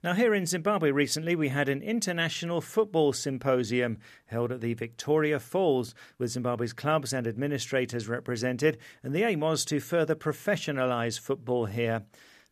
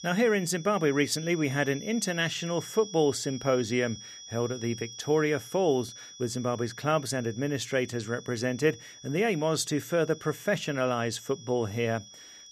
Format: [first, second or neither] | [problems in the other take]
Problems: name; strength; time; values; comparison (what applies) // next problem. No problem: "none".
first | high-pitched whine; noticeable; throughout; 5.5 kHz, 15 dB below the speech